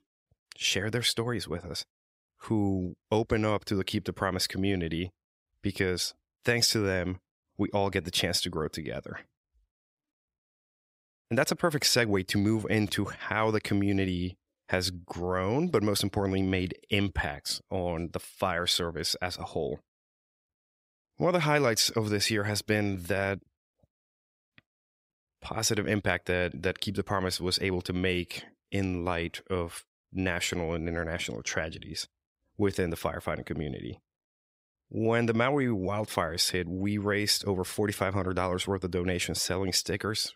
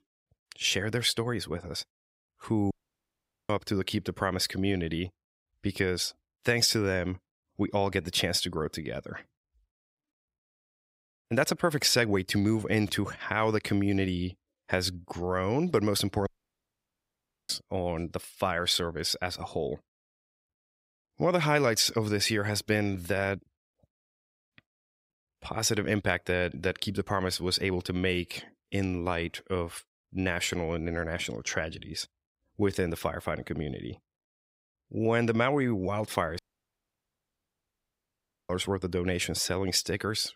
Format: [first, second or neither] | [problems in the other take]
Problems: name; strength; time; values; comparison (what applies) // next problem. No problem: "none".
first | audio cutting out; at 2.5 s for 1 s, at 16 s for 1 s and at 36 s for 2 s